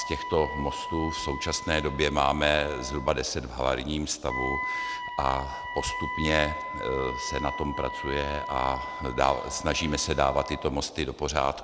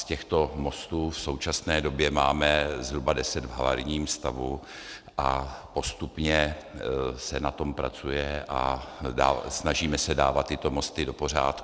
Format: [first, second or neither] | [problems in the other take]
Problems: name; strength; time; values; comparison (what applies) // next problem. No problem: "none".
second | background sound (Wind instrument, woodwind instrument); 8 dB below the speech